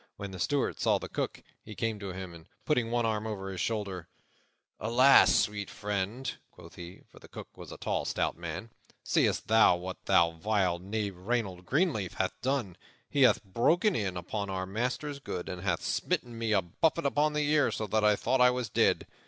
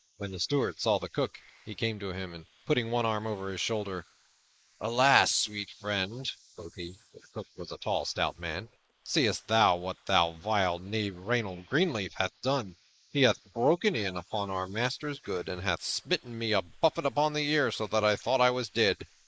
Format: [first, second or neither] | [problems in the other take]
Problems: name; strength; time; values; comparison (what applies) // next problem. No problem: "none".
first | noise reduction (neural mask model Resemble Enhance denoiser)